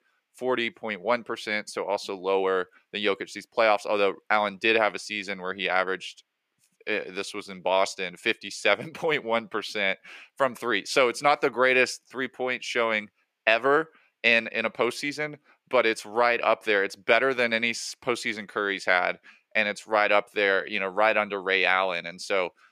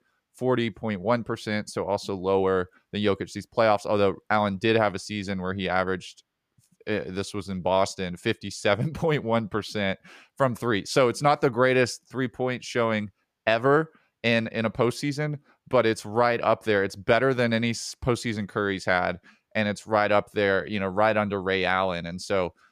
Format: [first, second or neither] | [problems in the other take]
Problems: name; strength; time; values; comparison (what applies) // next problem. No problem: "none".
second | thin; somewhat; fading below 350 Hz